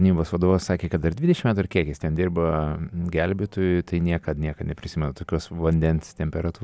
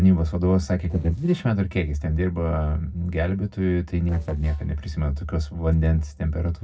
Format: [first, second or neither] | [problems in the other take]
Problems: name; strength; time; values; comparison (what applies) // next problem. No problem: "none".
first | noise reduction (neural separator model SepFormer DNS4)